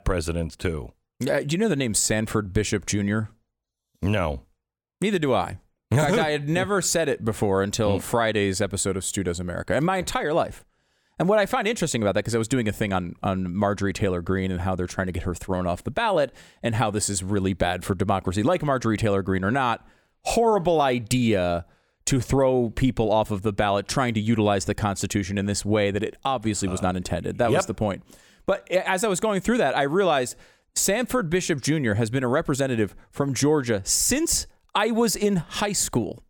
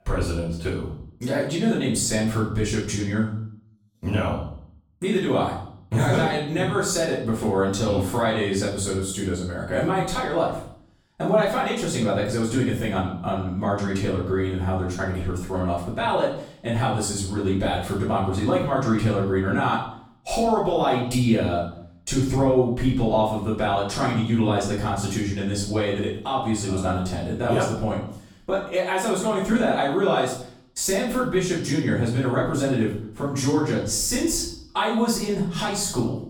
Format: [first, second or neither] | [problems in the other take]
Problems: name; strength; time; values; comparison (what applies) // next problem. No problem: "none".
first | room echo; noticeable; dies away in 0.6 s // off-mic speech; far